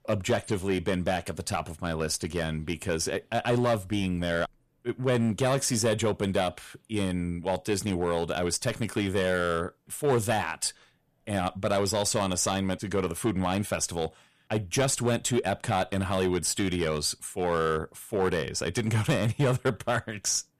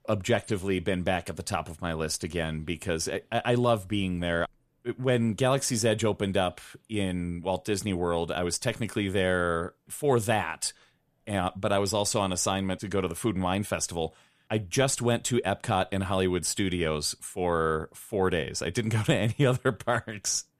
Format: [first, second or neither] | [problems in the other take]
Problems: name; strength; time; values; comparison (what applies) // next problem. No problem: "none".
second | distortion; slight; 4% of the sound clipped